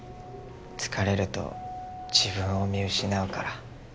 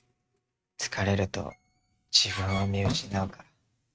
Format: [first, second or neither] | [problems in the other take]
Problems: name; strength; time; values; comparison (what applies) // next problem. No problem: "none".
first | noise reduction (neural mask model RNNoise)